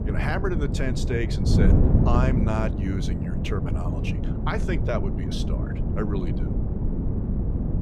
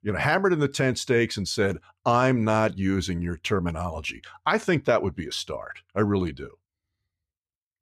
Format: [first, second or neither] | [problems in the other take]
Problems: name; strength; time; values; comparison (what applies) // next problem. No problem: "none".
second | wind noise on the microphone; heavy; 3 dB below the speech